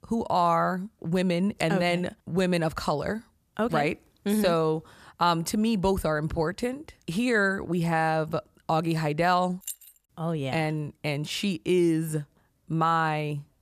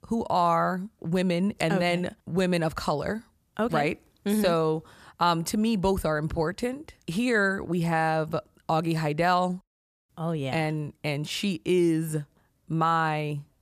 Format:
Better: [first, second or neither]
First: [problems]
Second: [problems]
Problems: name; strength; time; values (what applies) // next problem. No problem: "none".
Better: second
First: jangling keys; faint; at 9.5 s; peak 10 dB below the speech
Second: none